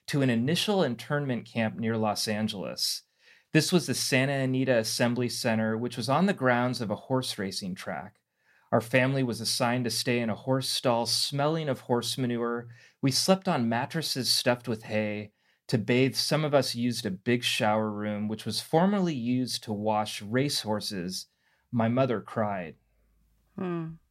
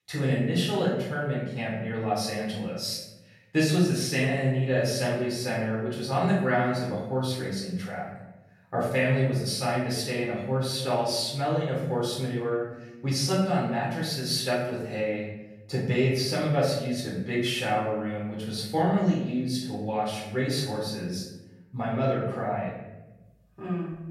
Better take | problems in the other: first | off-mic speech; far // room echo; noticeable; dies away in 1 s

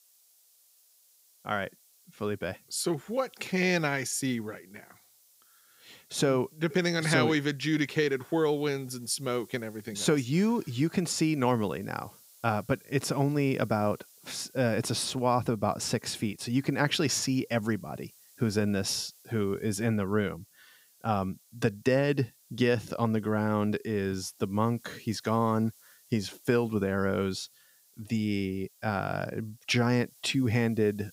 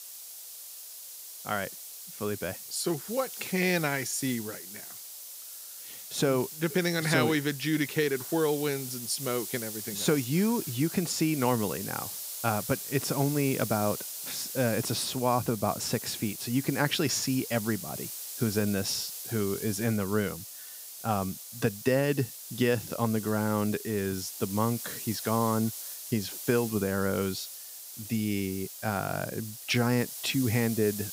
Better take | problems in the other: first | hiss; loud; throughout; 8 dB below the speech; faint in the first

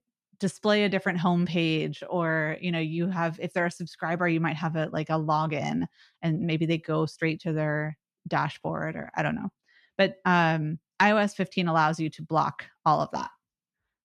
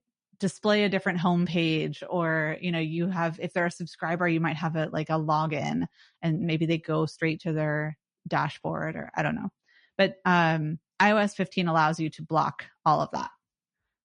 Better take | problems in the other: first | garbled, watery; slightly; nothing above 10 kHz

